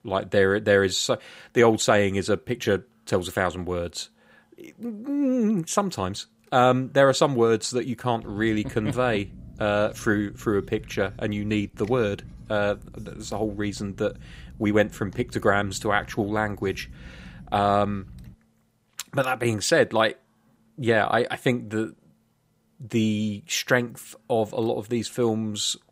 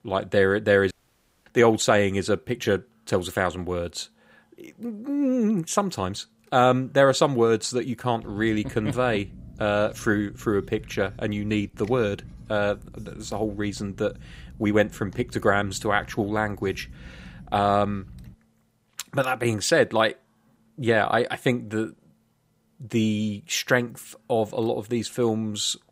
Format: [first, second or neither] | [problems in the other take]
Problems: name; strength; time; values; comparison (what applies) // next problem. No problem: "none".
first | audio cutting out; at 1 s for 0.5 s